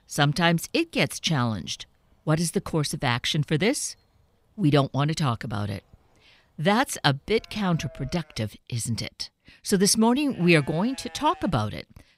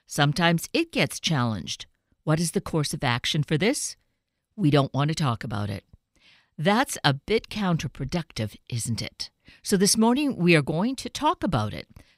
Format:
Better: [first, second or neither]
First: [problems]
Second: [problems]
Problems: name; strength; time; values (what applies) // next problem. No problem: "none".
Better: second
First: animal sounds; faint; throughout; 25 dB below the speech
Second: none